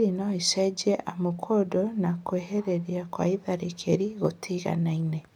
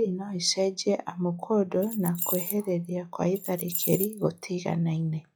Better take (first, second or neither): first